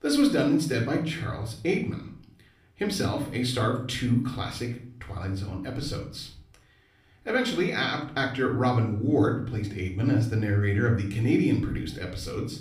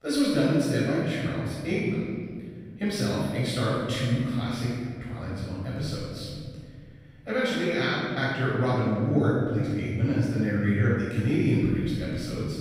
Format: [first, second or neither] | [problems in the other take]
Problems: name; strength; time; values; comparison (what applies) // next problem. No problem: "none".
first | room echo; strong; dies away in 2.1 s; slight in the first // off-mic speech; far; somewhat distant in the first